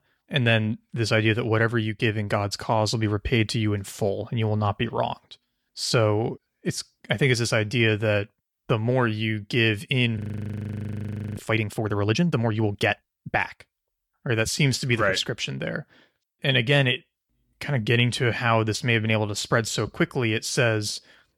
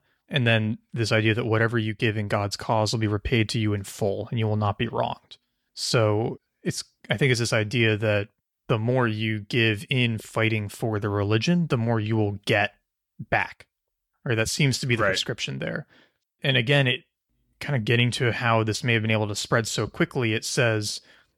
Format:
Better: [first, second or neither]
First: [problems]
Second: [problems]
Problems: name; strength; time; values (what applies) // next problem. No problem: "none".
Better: second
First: audio freezing; at 10 s for 1 s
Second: none